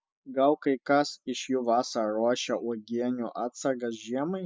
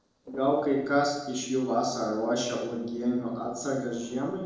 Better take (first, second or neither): first